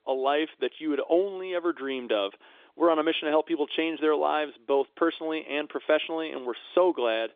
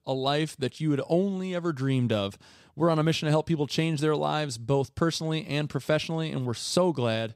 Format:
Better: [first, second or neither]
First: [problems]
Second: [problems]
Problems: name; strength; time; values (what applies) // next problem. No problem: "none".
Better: second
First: phone-call audio; nothing above 3.5 kHz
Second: none